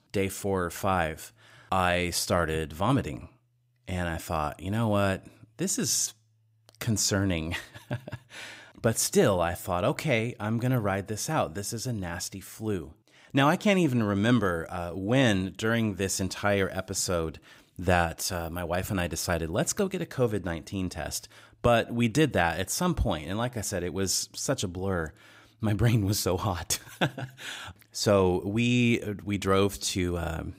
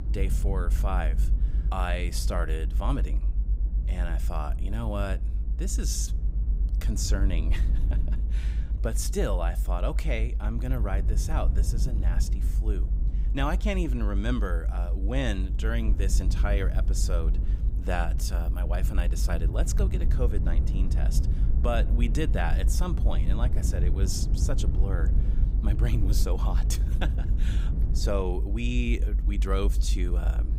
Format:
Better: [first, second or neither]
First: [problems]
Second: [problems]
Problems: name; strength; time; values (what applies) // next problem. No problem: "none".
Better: first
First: none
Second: low rumble; noticeable; throughout; 10 dB below the speech